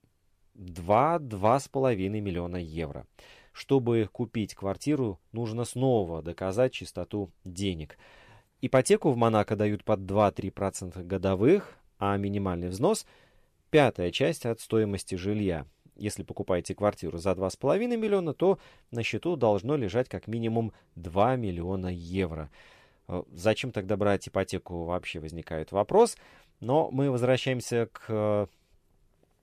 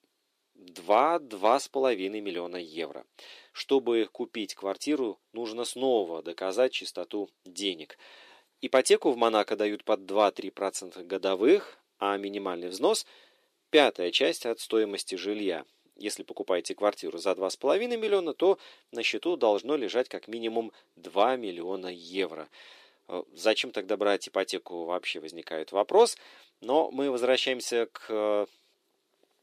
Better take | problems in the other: first | thin; somewhat; fading below 300 Hz

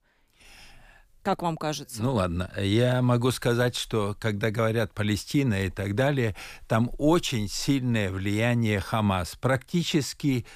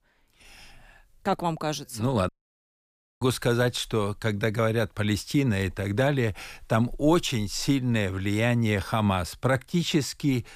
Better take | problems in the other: first | audio cutting out; at 2.5 s for 1 s

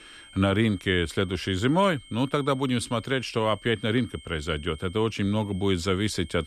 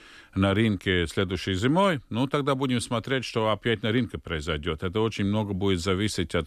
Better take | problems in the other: second | high-pitched whine; faint; throughout; 3 kHz, 20 dB below the speech

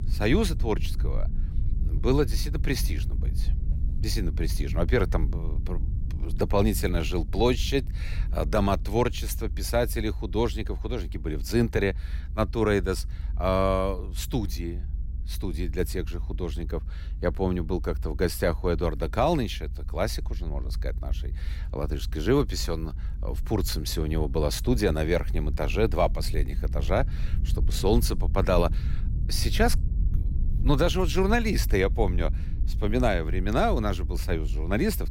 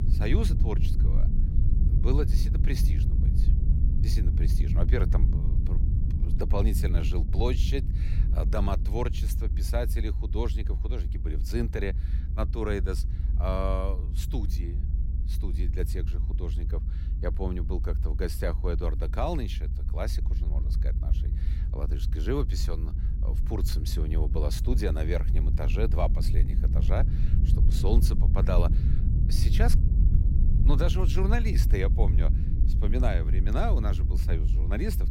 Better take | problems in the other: first | low rumble; loud; throughout; 8 dB below the speech; faint in the first

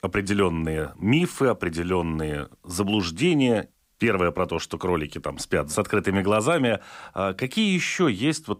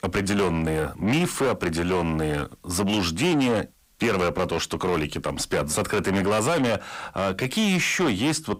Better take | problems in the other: first | distortion; heavy; 8 dB below the speech

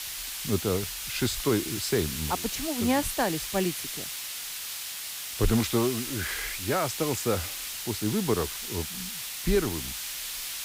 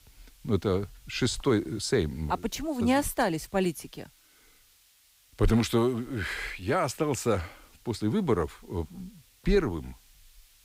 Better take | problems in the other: second | hiss; loud; throughout; 3 dB below the speech; faint in the second

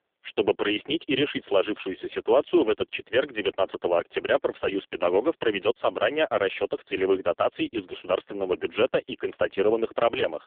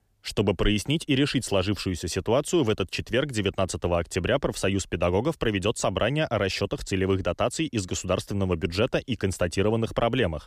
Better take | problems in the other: second | phone-call audio; poor line; nothing above 3 kHz

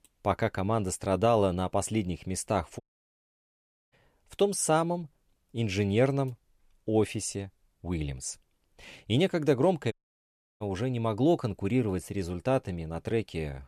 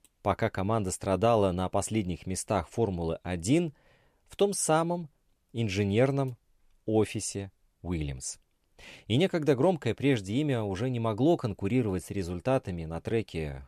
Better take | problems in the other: second | audio cutting out; at 3 s for 1 s and at 10 s for 0.5 s

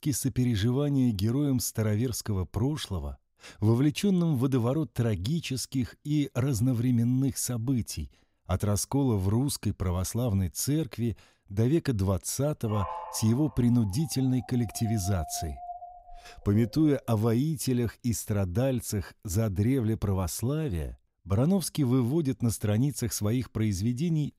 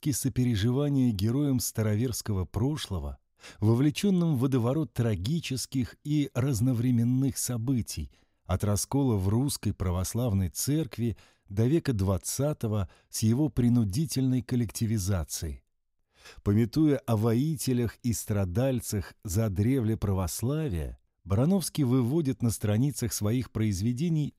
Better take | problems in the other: second | dog barking; noticeable; from 13 to 17 s; peak 8 dB below the speech

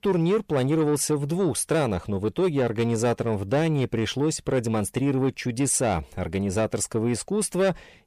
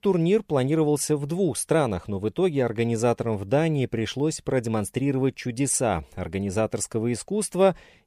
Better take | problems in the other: second | distortion; slight; 10 dB below the speech

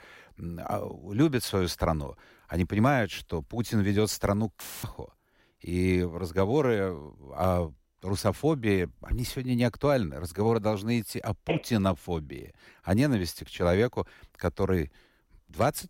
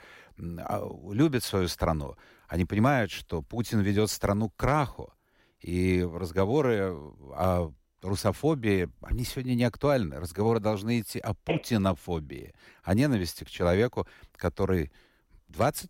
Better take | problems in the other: second | audio cutting out; filled with static; at 4.5 s

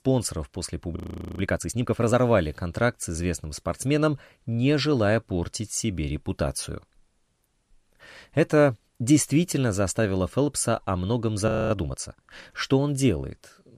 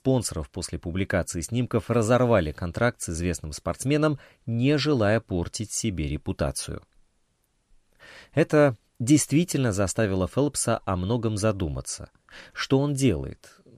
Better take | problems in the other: second | audio freezing; at 1 s and at 11 s

